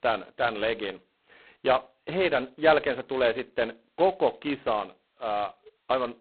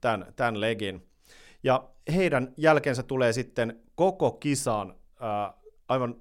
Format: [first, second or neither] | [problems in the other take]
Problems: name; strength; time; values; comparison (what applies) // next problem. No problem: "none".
second | phone-call audio; poor line; nothing above 4 kHz